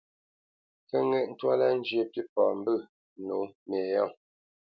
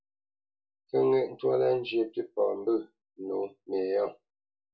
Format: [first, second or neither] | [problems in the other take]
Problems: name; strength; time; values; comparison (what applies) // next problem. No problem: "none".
first | room echo; dies away in 0.1 s